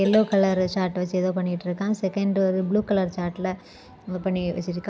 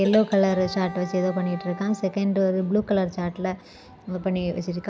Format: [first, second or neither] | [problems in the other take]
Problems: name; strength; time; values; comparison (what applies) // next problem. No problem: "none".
first | background sound (Wind instrument, woodwind instrument); 17 dB below the speech